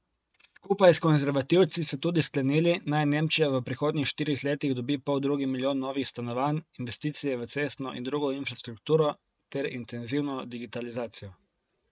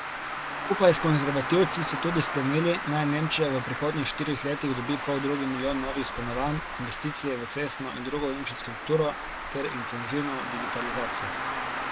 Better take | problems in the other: first | background sound (Traffic noise, roadway noise); 5 dB below the speech

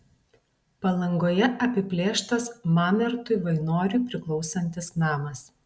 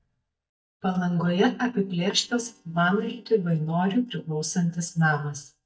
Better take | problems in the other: first | noise reduction (neural mask model DeepFilterNet 3)

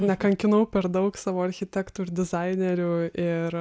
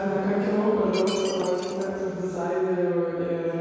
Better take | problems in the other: first | background sound (Shatter); 14 dB below the speech // room echo; dies away in 2.2 s

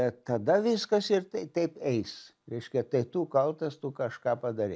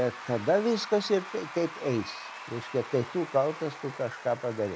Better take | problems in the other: first | background sound (Applause / Crowd / Cheering); 13 dB below the speech

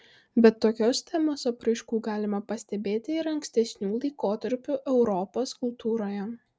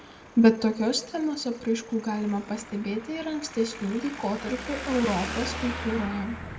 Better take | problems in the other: first | background sound (Traffic noise, roadway noise); 11 dB below the speech // room echo; dies away in 0.7 s

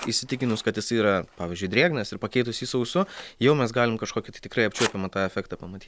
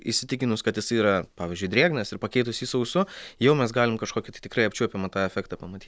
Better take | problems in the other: second | background sound (Scissors); 16 dB below the speech

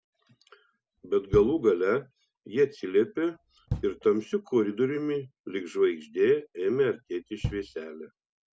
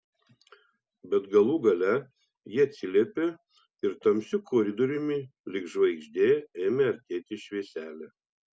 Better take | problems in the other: second | background sound (Knock); 10 dB below the speech

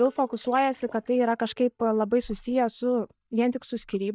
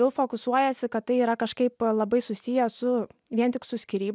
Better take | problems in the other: second | noise reduction (neural mask model DeepFilterNet 3)

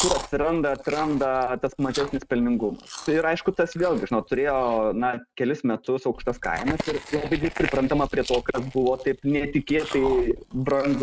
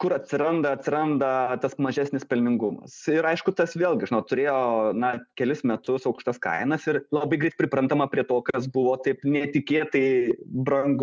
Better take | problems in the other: second | noise reduction (neural mask model RNNoise)

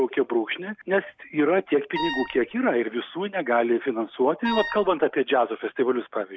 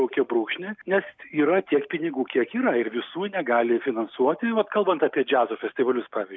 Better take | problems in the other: second | background sound (Wind instrument, woodwind instrument); 8 dB below the speech

